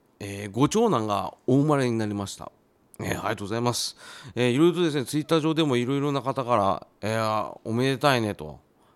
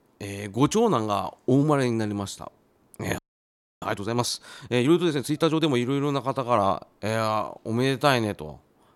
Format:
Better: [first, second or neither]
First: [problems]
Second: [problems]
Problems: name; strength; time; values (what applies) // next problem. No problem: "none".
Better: first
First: none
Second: audio freezing; at 3 s for 0.5 s